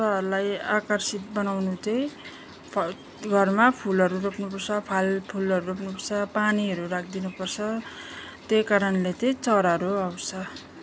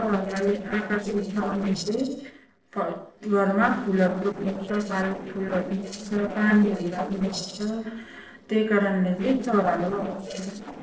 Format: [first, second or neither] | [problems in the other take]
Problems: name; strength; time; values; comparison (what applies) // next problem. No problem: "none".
first | noise reduction (neural separator model SepFormer DNS4)